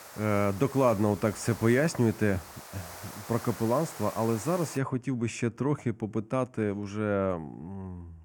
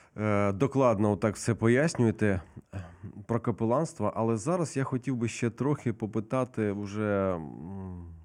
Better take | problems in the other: second | hiss; noticeable; until 5 s; 15 dB below the speech

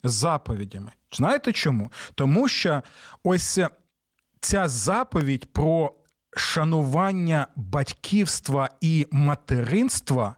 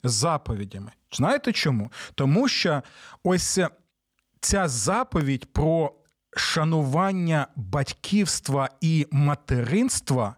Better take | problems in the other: second | garbled, watery; slightly; nothing above 15.5 kHz

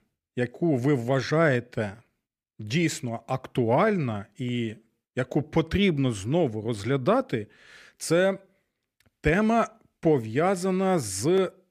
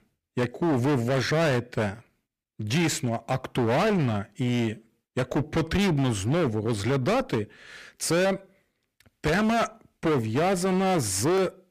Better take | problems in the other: first | distortion; heavy; 23% of the sound clipped

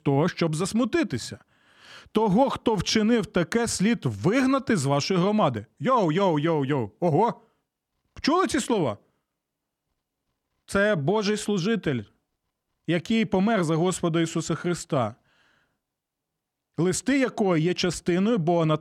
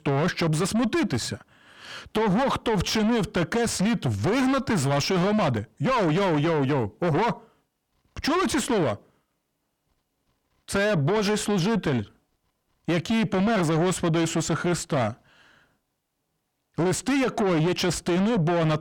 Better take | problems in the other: first | distortion; heavy; 7 dB below the speech

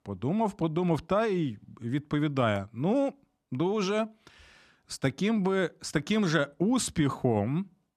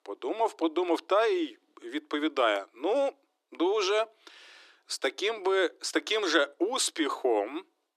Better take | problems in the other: first | thin; very; fading below 300 Hz

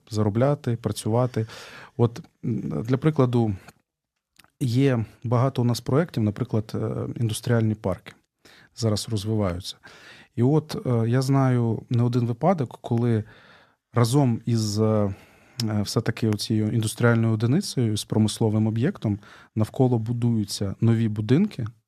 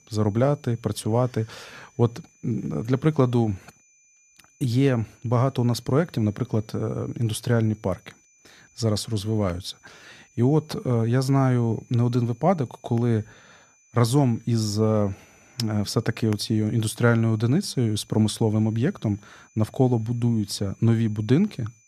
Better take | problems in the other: first | high-pitched whine; faint; throughout; 6 kHz, 30 dB below the speech

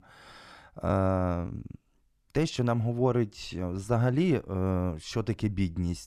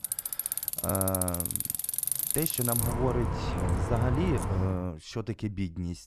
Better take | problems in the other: first | traffic noise; very loud; until 4.5 s; 3 dB above the speech

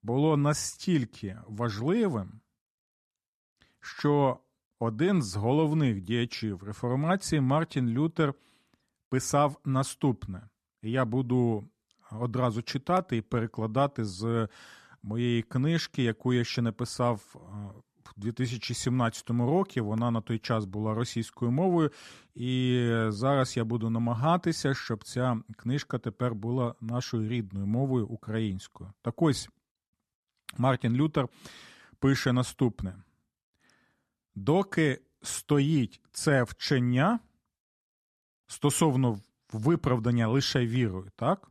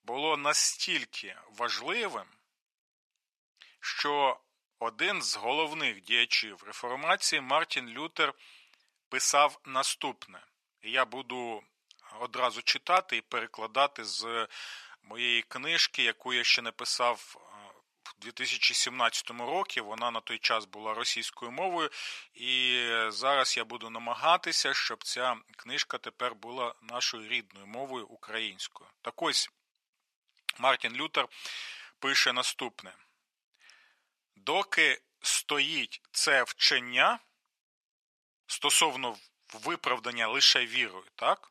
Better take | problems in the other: first | thin; very; fading below 800 Hz

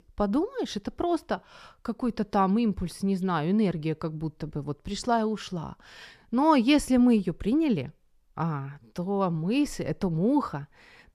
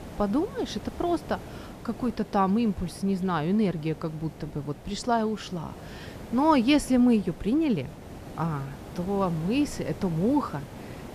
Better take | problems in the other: first | hiss; noticeable; throughout; 15 dB below the speech

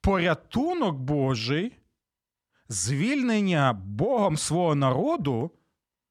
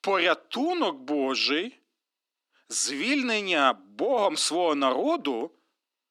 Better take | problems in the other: first | thin; very slightly; fading below 250 Hz

